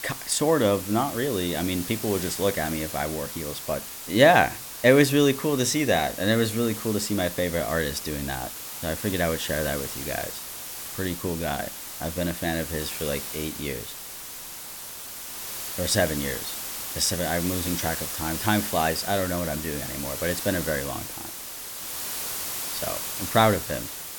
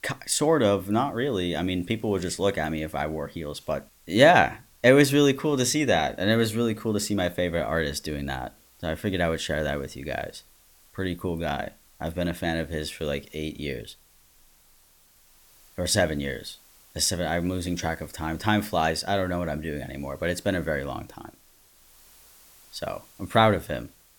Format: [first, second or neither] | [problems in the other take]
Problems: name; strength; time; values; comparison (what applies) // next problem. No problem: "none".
second | hiss; loud; throughout; 7 dB below the speech; faint in the second